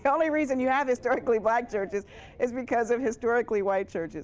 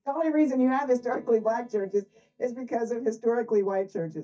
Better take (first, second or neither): first